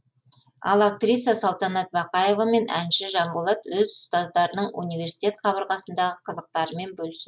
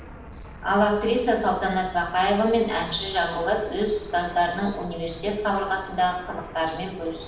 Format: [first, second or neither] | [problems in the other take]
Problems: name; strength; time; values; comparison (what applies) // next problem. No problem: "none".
first | background sound (Fixed-wing aircraft, airplane); 16 dB below the speech // room echo; dies away in 0.9 s